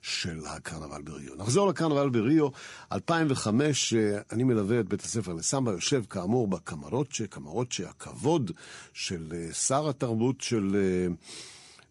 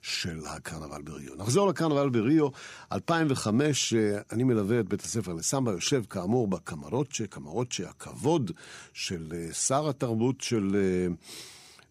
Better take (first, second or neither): second